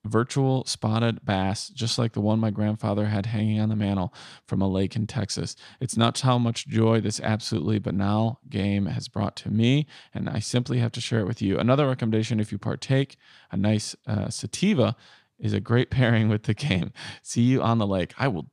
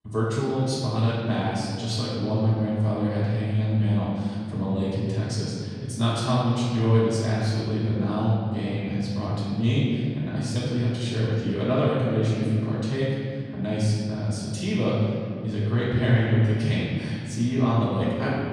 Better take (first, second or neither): first